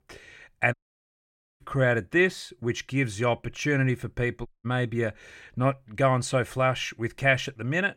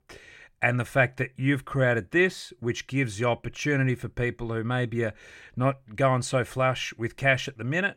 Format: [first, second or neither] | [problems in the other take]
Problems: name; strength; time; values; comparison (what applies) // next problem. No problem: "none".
second | audio cutting out; at 0.5 s for 1 s and at 4.5 s